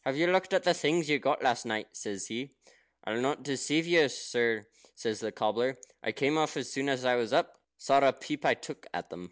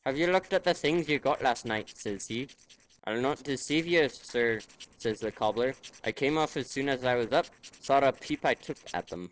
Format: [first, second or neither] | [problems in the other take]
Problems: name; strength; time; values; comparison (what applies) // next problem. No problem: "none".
first | noise reduction (neural separator model SepFormer DNS4)